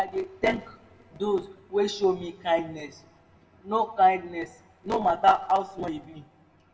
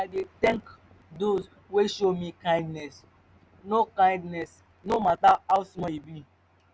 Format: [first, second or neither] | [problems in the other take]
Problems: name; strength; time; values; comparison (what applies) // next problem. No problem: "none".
second | room echo; dies away in 0.7 s